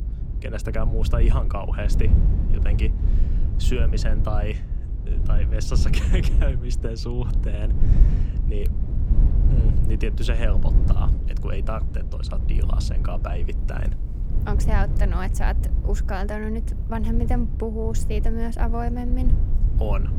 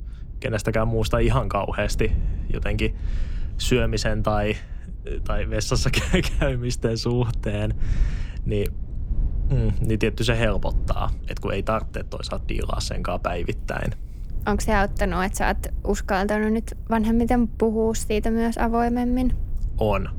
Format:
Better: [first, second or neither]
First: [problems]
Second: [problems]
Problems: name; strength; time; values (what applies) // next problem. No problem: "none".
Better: second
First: low rumble; loud; throughout; 7 dB below the speech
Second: low rumble; faint; throughout; 20 dB below the speech